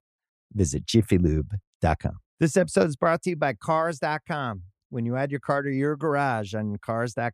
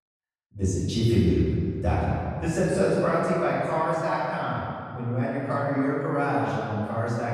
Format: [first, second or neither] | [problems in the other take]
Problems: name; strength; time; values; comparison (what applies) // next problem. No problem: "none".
first | off-mic speech; far // room echo; strong; dies away in 2 s